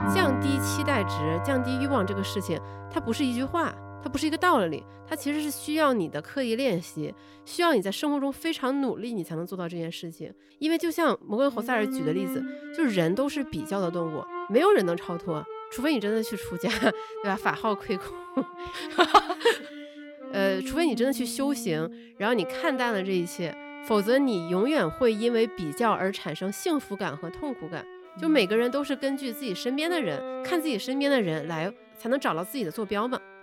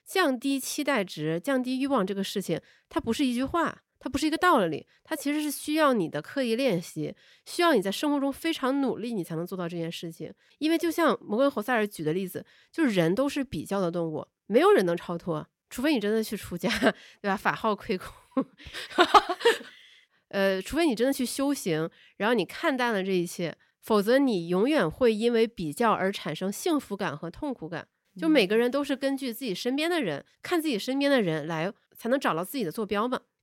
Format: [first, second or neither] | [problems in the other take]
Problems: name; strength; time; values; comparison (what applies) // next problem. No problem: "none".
second | background music; loud; throughout; 10 dB below the speech